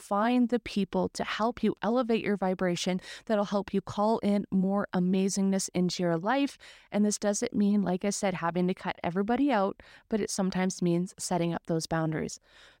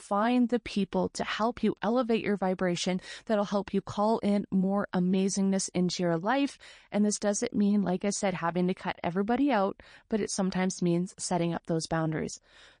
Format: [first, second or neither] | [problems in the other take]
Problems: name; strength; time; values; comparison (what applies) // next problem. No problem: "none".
first | garbled, watery; slightly; nothing above 9.5 kHz